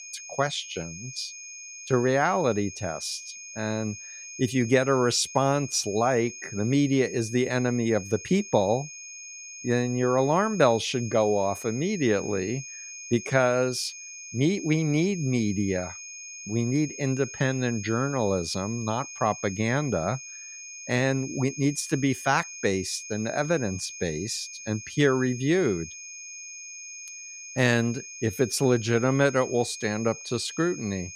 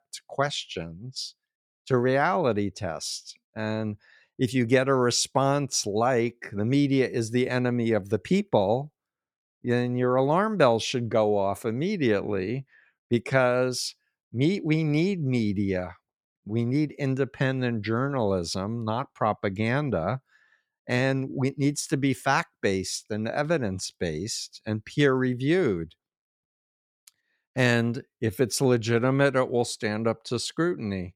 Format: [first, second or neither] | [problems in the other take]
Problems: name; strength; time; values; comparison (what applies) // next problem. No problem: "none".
second | high-pitched whine; noticeable; throughout; 6.5 kHz, 10 dB below the speech